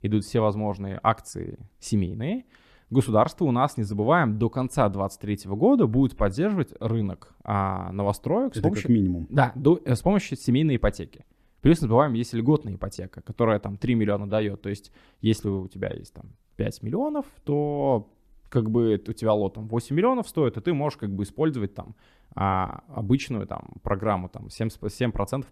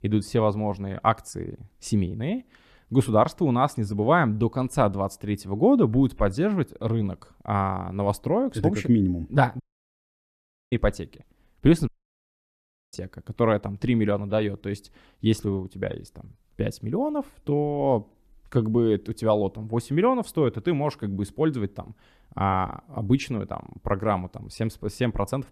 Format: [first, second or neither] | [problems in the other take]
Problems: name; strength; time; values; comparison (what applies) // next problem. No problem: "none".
first | audio cutting out; at 9.5 s for 1 s and at 12 s for 1 s